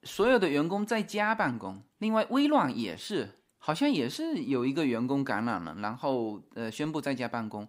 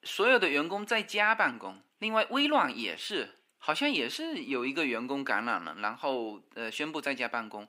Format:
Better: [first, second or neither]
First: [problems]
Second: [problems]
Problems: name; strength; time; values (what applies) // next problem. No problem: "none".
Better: first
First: none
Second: thin; very slightly; fading below 350 Hz